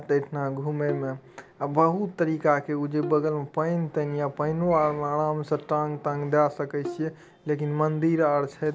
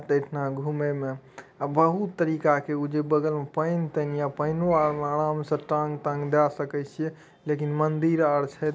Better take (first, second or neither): second